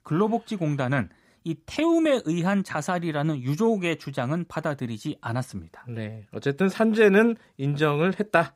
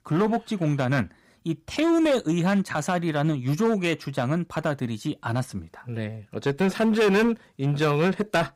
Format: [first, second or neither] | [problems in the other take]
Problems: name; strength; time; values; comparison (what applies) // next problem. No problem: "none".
first | distortion; slight; 8% of the sound clipped